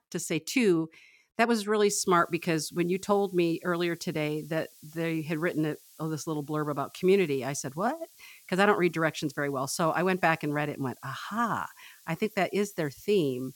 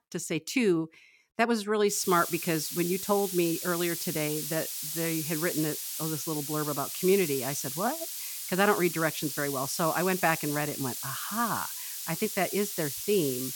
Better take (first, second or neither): first